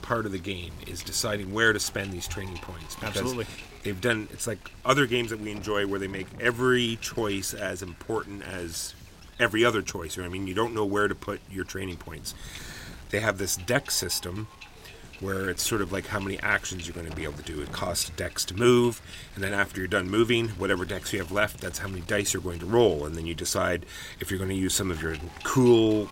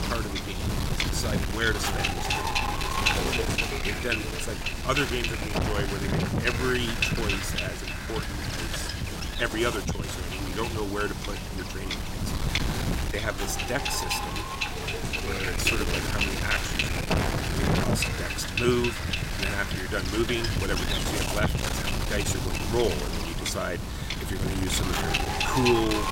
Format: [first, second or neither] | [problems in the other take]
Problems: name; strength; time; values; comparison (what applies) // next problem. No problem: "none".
first | wind noise on the microphone; heavy; 3 dB above the speech; occasional gusts in the first